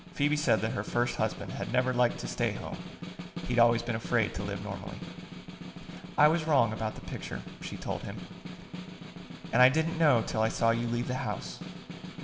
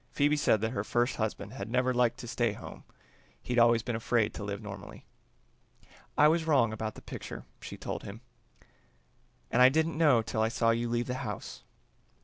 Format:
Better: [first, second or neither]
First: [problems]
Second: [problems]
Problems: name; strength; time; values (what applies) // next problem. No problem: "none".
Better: second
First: background sound (Snare drum); 11 dB below the speech // room echo; dies away in 1.1 s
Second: none